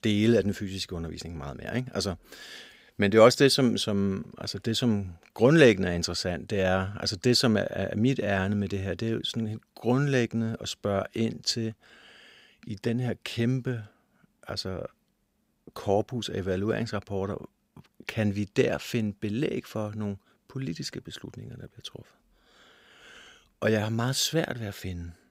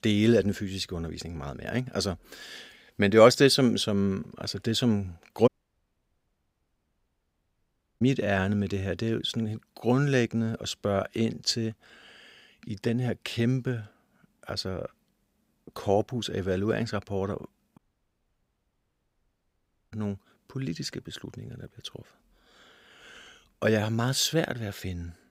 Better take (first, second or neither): first